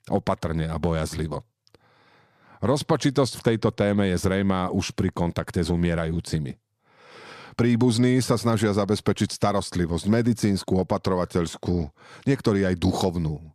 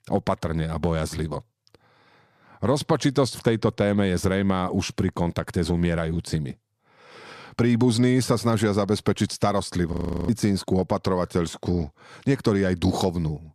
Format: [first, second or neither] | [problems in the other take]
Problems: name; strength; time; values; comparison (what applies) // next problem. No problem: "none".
first | audio freezing; at 10 s